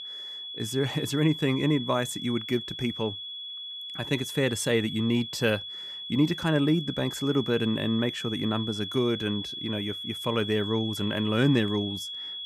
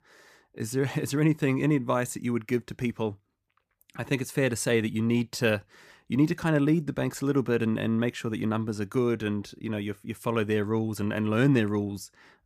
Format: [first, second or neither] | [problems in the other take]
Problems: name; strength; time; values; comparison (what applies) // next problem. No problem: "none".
second | high-pitched whine; loud; throughout; 3.5 kHz, 7 dB below the speech